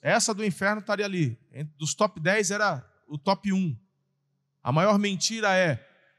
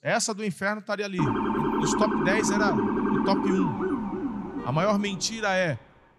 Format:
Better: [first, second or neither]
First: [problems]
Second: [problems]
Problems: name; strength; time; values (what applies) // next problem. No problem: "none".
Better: first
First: none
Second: siren; loud; from 1 to 5.5 s; peak 3 dB above the speech